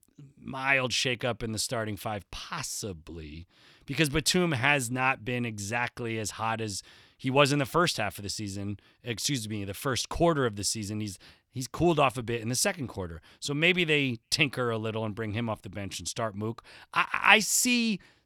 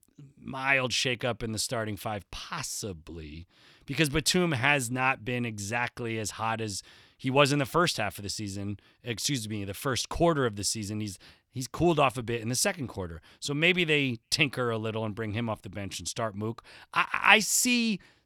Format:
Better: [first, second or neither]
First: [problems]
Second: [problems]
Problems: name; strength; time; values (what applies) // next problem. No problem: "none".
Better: neither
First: none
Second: none